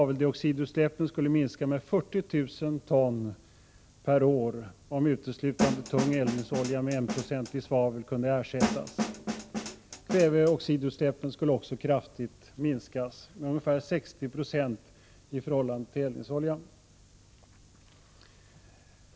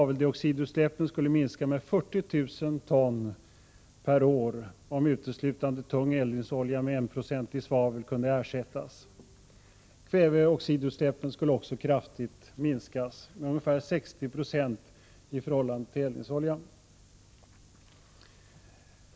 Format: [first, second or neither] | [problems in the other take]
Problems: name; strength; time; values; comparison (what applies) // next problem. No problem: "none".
second | background sound (Snare drum); 4 dB below the speech